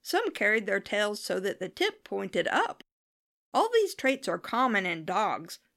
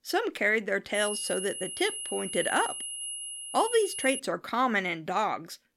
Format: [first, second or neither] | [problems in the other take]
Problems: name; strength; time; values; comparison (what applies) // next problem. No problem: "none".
first | high-pitched whine; loud; from 1 to 4 s; 10.5 kHz, 5 dB below the speech